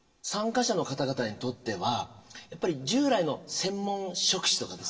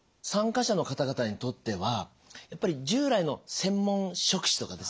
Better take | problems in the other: second | room echo; dies away in 1.4 s

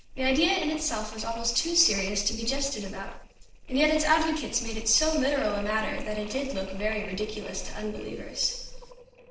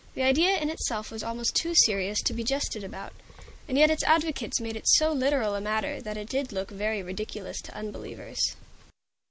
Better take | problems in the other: second | noise reduction (neural separator model SepFormer DNS4)

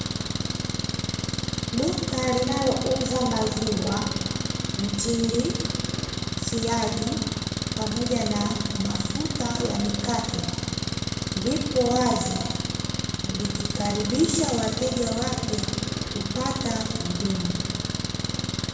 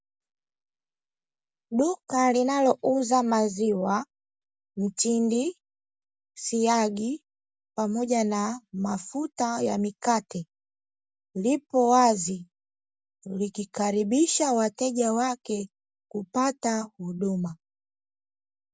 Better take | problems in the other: second | background sound (Engine); as loud as the speech // room echo; dies away in 1.1 s

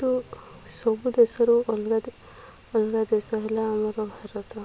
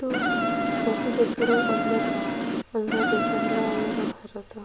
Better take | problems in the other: first | background sound (Insect); 4 dB above the speech // room echo; dies away in 0.4 s

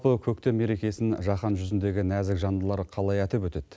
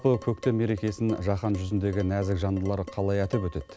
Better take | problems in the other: first | background sound (Dishes, pots, and pans); 18 dB below the speech

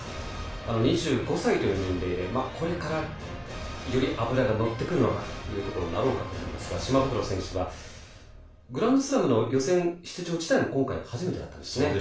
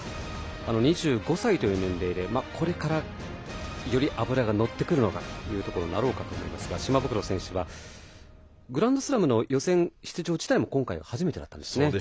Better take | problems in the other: second | room echo; dies away in 0.3 s

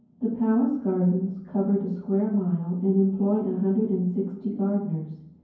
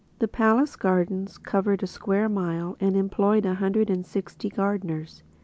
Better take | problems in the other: second | room echo; dies away in 0.9 s

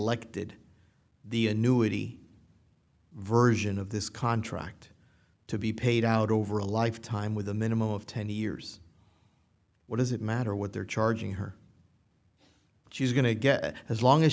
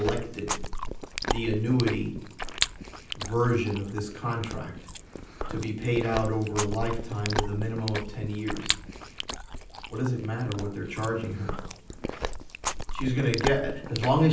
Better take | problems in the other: first | background sound (Chewing, mastication); 4 dB below the speech // room echo; dies away in 0.6 s

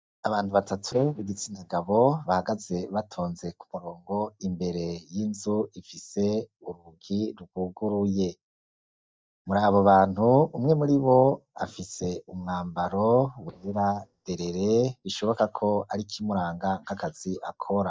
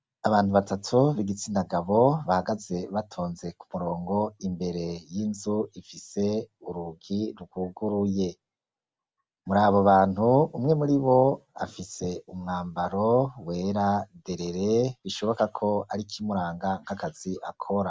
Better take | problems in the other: second | noise reduction (neural mask model DeepFilterNet 3)

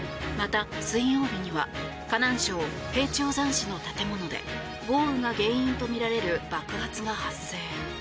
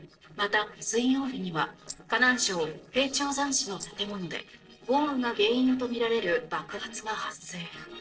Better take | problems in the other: first | noise reduction (neural separator model SepFormer DNS4)

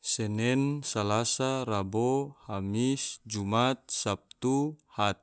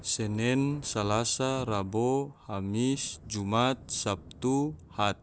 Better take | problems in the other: first | background sound (Thunder); 20 dB below the speech

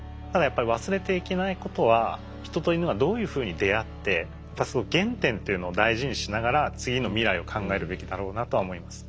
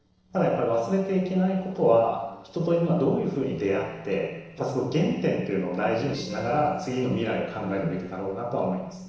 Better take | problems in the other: first | noise reduction (neural separator model SepFormer DNS4)

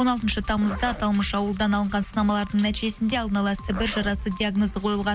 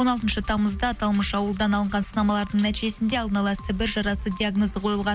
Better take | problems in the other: second | background sound (Zipper (clothing)); 18 dB below the speech

